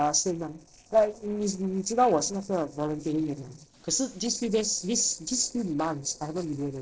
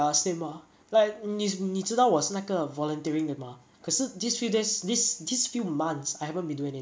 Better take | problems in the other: second | noise reduction (neural separator model SepFormer DNS4)

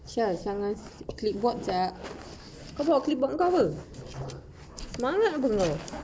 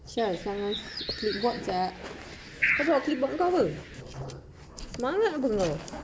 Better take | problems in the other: first | background sound (Bird); 6 dB below the speech

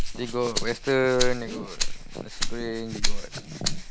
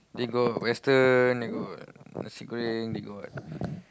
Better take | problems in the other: second | noise reduction (neural mask model Resemble Enhance denoiser)

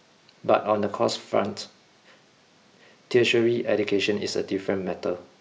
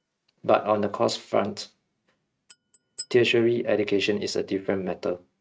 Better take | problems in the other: first | noise reduction (neural mask model RNNoise)

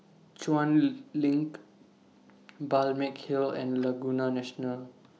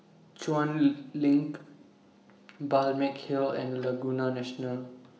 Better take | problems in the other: first | room echo; dies away in 0.8 s

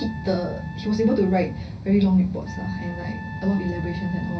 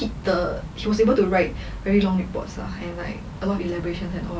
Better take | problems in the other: second | background sound (Wind instrument, woodwind instrument); 18 dB below the speech // room echo; dies away in 0.5 s

